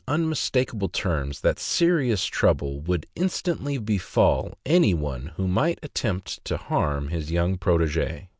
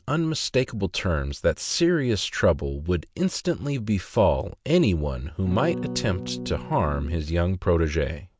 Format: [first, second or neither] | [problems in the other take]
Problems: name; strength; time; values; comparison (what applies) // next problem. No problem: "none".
first | background sound (Electric guitar / Strum); 9 dB below the speech